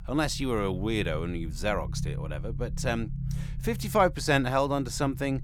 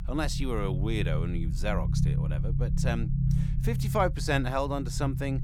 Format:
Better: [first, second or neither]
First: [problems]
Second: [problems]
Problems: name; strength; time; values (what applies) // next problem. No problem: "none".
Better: first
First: low rumble; faint; throughout; 20 dB below the speech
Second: low rumble; loud; throughout; 10 dB below the speech